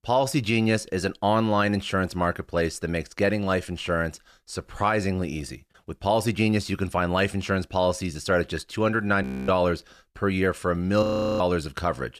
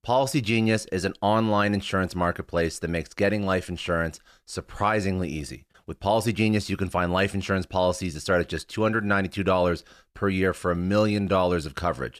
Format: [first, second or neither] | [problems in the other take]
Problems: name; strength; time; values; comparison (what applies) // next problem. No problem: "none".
second | audio freezing; at 9 s and at 11 s